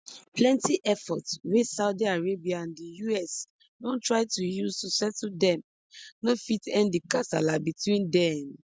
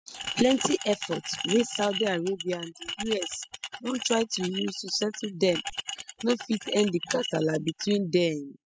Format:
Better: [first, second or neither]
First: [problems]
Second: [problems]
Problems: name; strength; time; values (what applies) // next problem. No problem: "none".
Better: first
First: none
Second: noise reduction (classical method spectral subtraction)